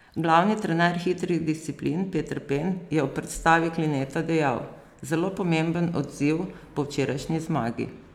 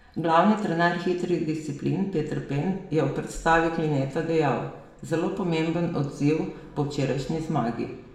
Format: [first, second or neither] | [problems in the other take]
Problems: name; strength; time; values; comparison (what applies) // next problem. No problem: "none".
first | room echo; dies away in 0.7 s